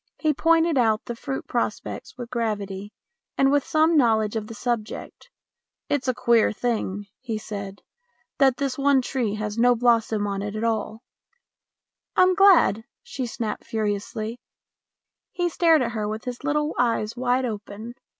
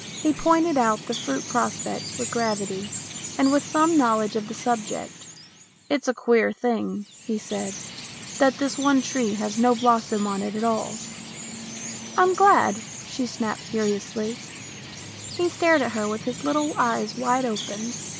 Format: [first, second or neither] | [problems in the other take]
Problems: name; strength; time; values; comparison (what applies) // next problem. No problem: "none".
first | background sound (Chirp, tweet); 12 dB below the speech